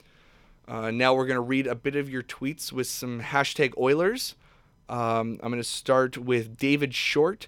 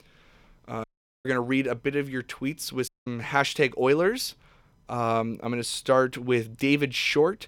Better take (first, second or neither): first